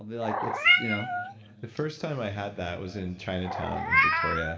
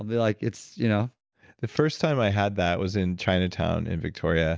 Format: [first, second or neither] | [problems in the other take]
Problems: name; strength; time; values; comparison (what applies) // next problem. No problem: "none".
second | background sound (Meow); 5 dB above the speech // room echo; dies away in 2.2 s